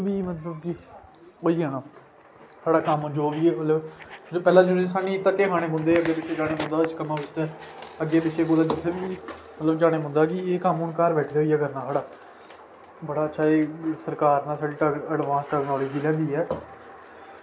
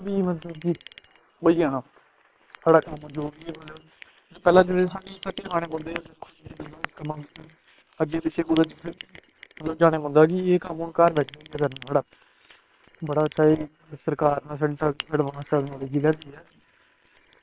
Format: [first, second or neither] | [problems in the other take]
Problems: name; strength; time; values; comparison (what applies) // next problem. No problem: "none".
first | noise reduction (neural separator model SepFormer WHAM!)